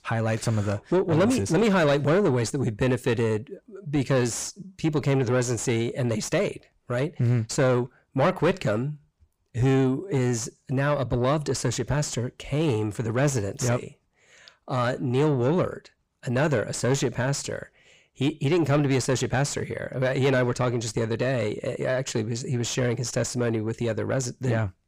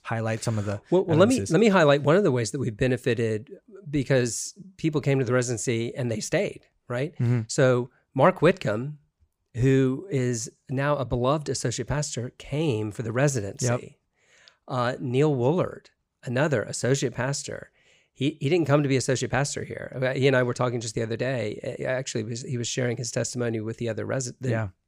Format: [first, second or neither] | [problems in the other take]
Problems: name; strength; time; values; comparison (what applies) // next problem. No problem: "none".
second | distortion; slight; 9 dB below the speech